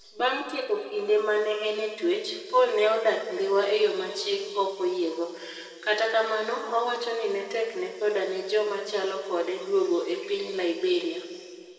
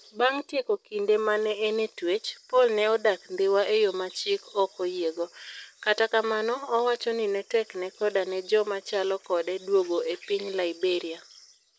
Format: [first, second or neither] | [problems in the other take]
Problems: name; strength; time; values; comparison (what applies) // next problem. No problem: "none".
second | room echo; dies away in 2 s